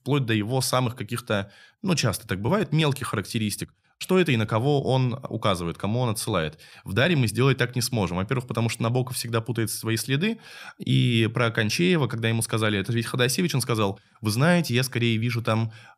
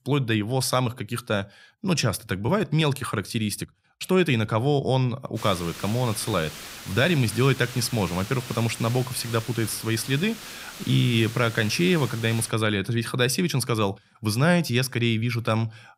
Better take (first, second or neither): first